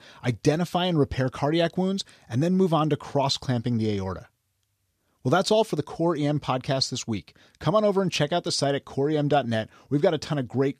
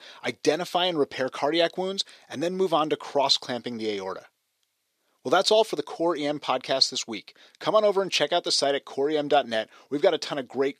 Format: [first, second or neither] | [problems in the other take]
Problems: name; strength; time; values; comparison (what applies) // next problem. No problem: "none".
first | thin; somewhat; fading below 400 Hz